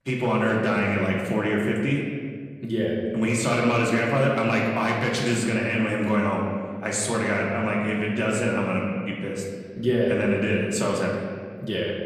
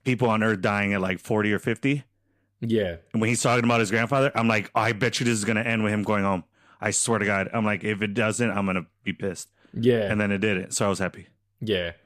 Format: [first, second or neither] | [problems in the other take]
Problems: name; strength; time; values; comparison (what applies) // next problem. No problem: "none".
second | room echo; noticeable; dies away in 1.6 s // off-mic speech; far